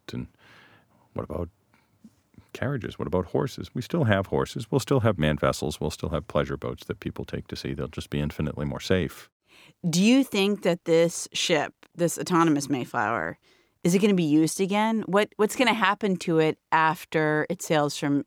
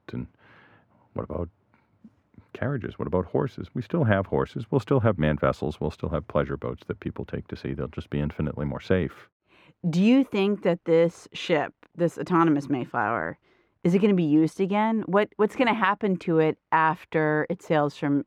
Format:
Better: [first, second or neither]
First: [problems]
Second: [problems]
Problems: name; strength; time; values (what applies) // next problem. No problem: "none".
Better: first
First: none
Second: muffled; slightly; fading above 3.5 kHz